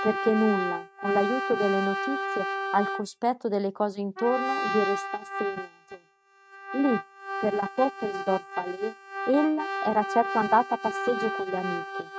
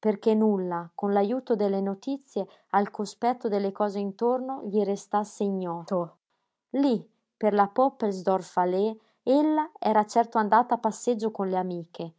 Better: second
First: noise reduction (neural mask model RNNoise)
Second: none

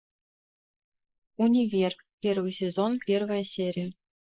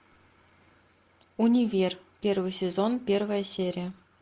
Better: second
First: noise reduction (neural mask model Resemble Enhance denoiser)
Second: none

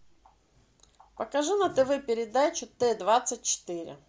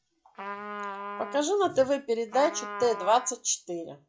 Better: first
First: none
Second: noise reduction (classical method log-MMSE)

